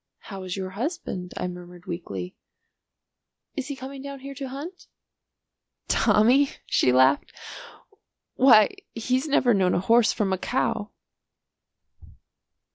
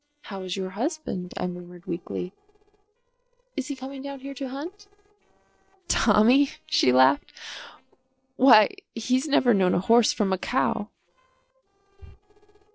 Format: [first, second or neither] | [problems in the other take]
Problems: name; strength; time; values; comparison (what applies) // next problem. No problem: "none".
first | noise reduction (neural separator model SepFormer DNS4)